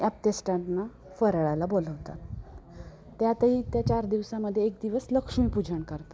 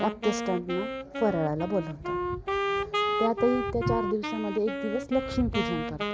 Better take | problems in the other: first | background sound (Wind instrument, woodwind instrument); 2 dB below the speech

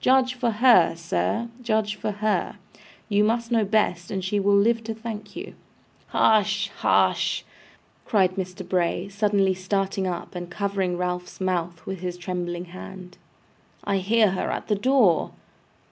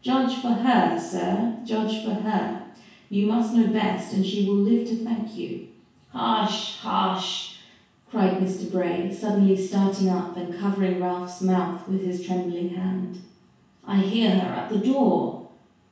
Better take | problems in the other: first | room echo; dies away in 0.6 s

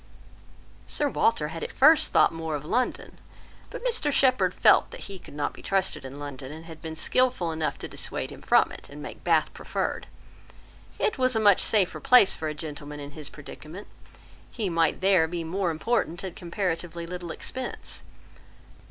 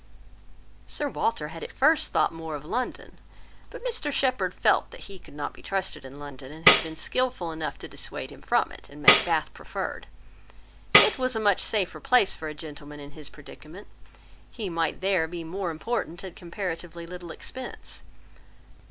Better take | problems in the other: first | background sound (Tambourine); 3 dB above the speech

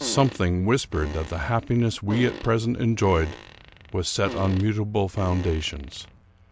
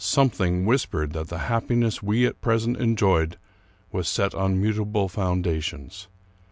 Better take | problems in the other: second | background sound (Fart); 15 dB below the speech

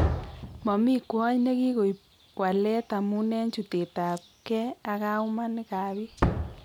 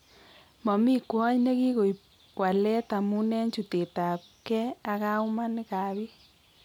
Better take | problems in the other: second | background sound (Slam); 8 dB below the speech

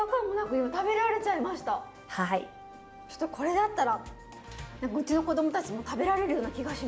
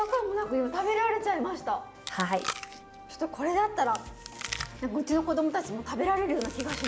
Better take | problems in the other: first | background sound (Chewing, mastication); 14 dB below the speech

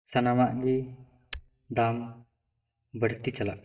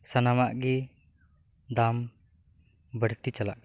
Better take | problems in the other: second | noise reduction (neural mask model DeepFilterNet 3)

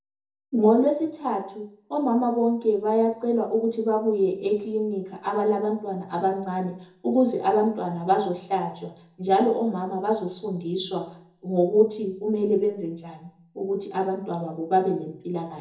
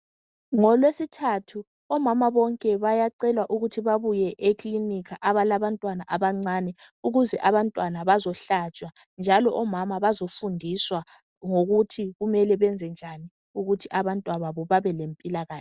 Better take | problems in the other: second | room echo; dies away in 0.6 s

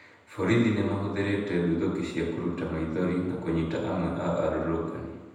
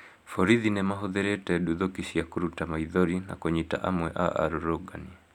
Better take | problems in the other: second | room echo; dies away in 1.1 s

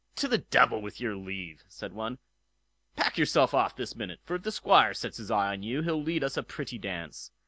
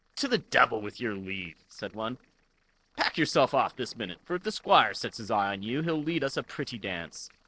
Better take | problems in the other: first | noise reduction (neural separator model SepFormer DNS4)

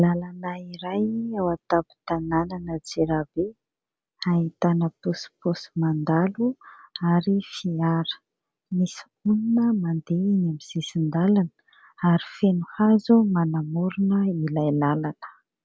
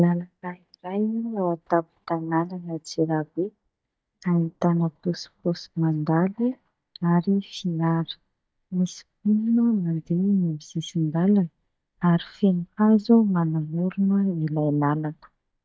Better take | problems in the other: first | noise reduction (neural mask model DeepFilterNet 3)

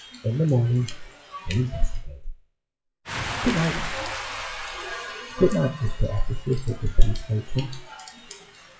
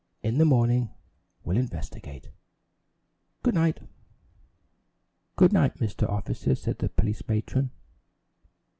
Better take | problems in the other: second | noise reduction (classical method WPE with log-MMSE)

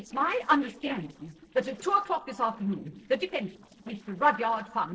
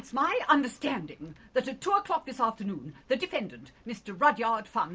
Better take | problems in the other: second | noise reduction (neural separator model SepFormer DNS4)

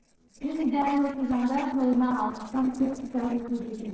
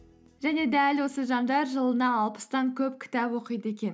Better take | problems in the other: second | noise reduction (neural separator model SepFormer DNS4)

